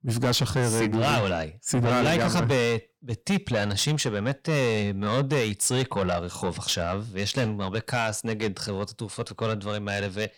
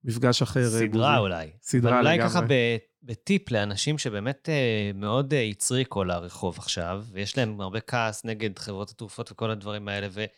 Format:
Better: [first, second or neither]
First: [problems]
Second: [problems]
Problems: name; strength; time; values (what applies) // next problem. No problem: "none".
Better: second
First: distortion; heavy; 7 dB below the speech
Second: none